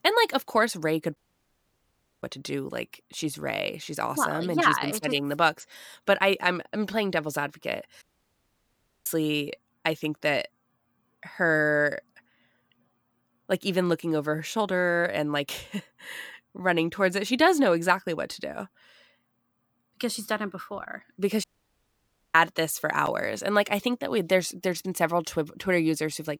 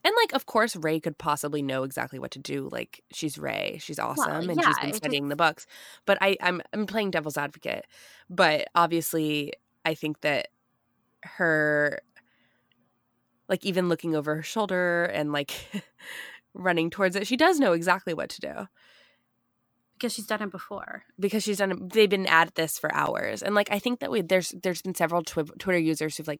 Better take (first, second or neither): second